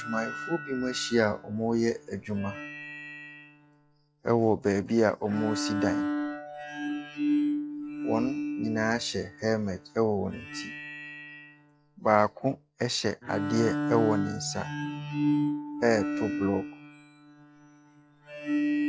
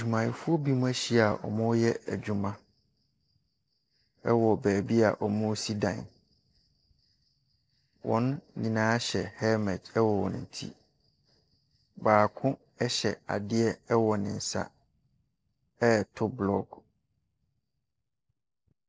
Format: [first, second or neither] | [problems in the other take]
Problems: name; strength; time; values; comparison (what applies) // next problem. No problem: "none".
second | noise reduction (classical method log-MMSE)